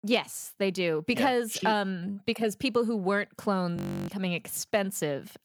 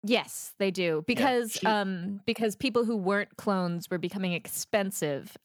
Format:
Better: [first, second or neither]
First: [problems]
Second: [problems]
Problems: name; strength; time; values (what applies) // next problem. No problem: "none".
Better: second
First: audio freezing; at 4 s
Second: none